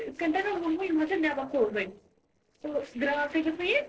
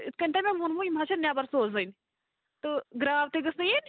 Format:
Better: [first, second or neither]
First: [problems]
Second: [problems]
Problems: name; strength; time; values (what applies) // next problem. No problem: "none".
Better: second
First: noise reduction (neural separator model SepFormer DNS4)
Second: none